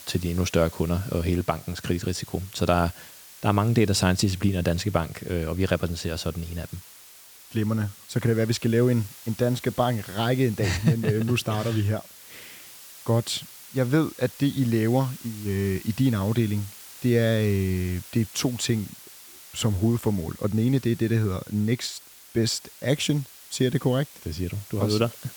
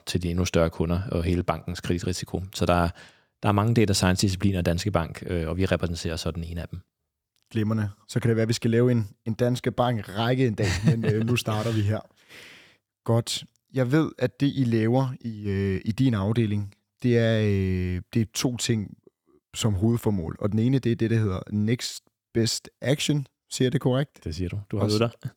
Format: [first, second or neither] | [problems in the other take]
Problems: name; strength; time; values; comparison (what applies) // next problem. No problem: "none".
second | hiss; noticeable; throughout; 20 dB below the speech